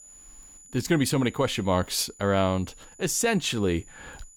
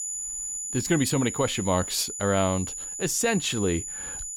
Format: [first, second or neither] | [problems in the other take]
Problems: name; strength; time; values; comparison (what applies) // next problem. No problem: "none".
first | high-pitched whine; loud; throughout; 7 kHz, 6 dB below the speech; faint in the first